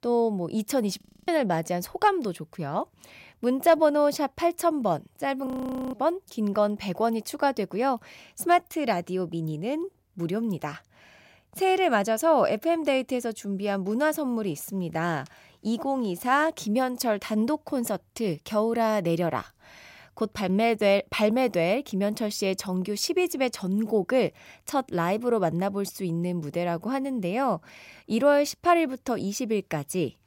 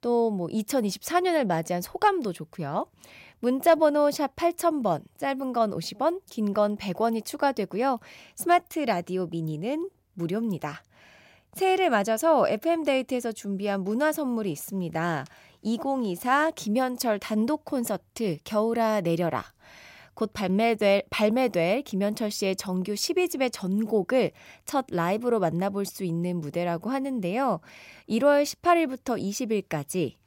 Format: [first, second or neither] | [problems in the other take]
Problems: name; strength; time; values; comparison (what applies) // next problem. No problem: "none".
second | audio freezing; at 1 s and at 5.5 s